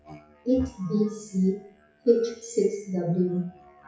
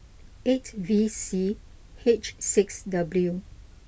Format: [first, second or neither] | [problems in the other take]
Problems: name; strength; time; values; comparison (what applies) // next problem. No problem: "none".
second | noise reduction (classical method WPE with log-MMSE)